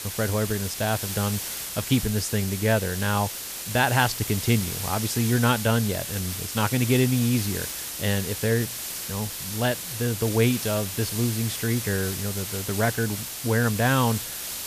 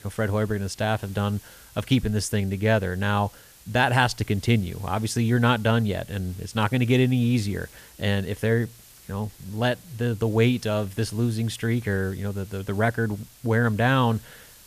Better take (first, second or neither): second